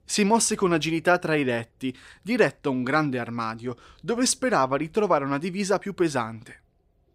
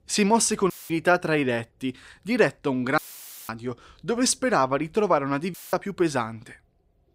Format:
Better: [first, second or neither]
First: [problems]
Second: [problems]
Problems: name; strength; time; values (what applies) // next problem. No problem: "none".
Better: first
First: none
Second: audio cutting out; filled with static; at 0.5 s, at 3 s for 0.5 s and at 5.5 s